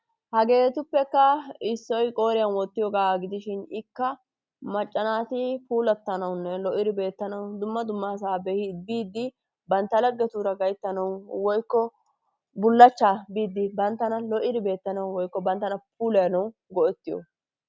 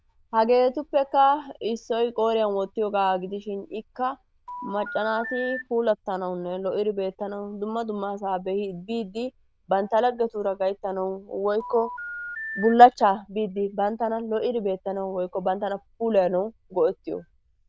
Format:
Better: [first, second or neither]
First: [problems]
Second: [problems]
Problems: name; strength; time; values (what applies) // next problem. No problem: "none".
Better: first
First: none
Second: noise reduction (neural diffusion model UNIVERSE++)